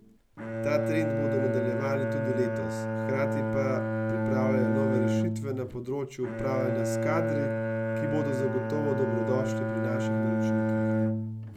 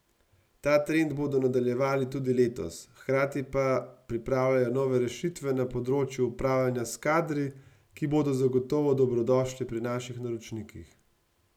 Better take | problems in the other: second | background sound (Bowed string instrument); 4 dB above the speech

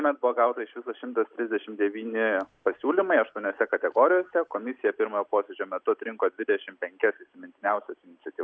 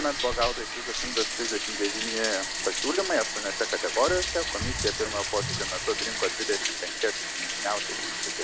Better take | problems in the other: first | background sound (Bathtub (filling or washing)); as loud as the speech

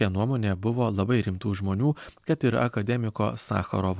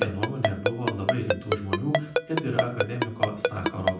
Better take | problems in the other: first | background sound (Ringtone); 2 dB above the speech // room echo; dies away in 0.6 s

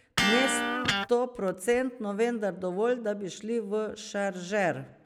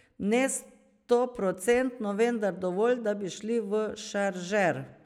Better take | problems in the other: second | background sound (Electric guitar); 2 dB below the speech

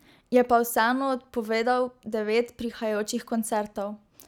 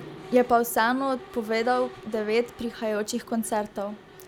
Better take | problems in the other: first | background sound (Mechanisms); 18 dB below the speech

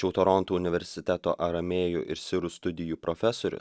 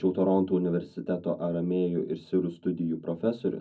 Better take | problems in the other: first | room echo; dies away in 0.4 s

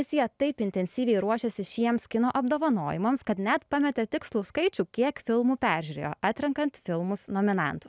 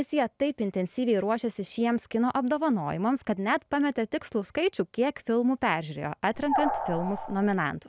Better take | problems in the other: first | background sound (Animal); 4 dB below the speech

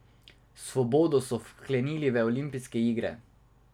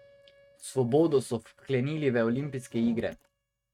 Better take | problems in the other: first | noise reduction (neural mask model RNNoise)

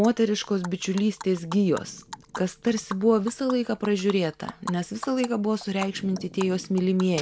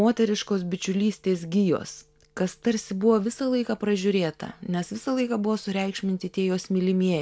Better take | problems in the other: second | background sound (Animal); 16 dB below the speech

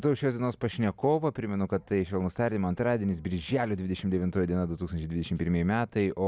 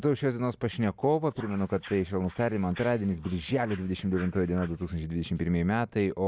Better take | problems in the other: first | noise reduction (neural mask model Resemble Enhance denoiser)

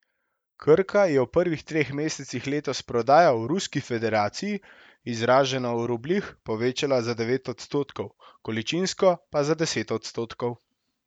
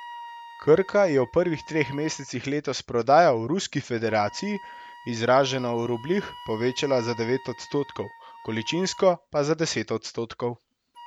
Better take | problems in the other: first | background sound (Wind instrument, woodwind instrument); 20 dB below the speech

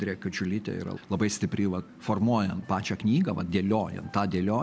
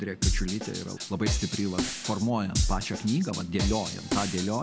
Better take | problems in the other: first | background sound (Drum kit); as loud as the speech

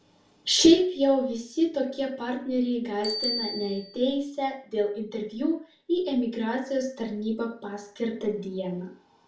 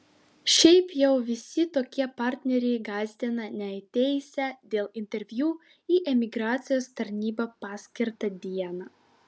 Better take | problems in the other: second | background sound (Bicycle bell); 15 dB below the speech // room echo; dies away in 0.4 s

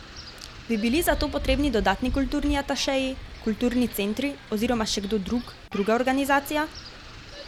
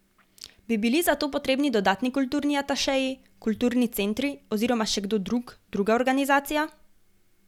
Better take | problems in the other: second | background sound (Wind); 10 dB below the speech

